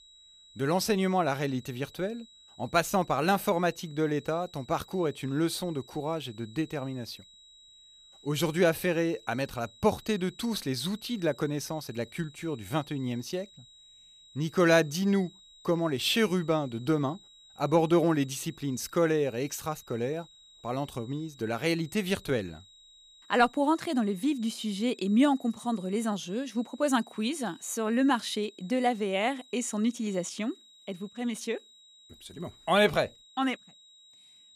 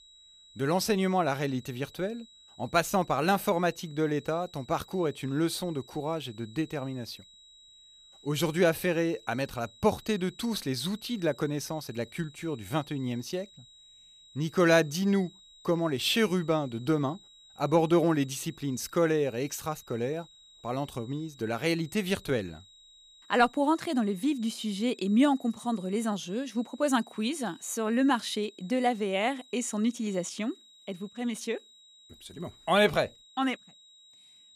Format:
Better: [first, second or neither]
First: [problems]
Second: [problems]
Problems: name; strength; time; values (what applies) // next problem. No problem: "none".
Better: neither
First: high-pitched whine; faint; throughout; 4 kHz, 25 dB below the speech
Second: high-pitched whine; faint; throughout; 4 kHz, 25 dB below the speech